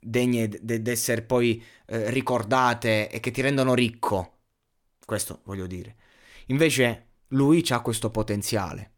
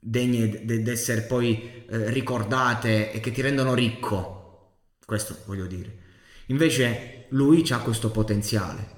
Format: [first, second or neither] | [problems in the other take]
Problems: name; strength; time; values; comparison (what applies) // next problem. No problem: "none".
first | room echo; slight; dies away in 0.8 s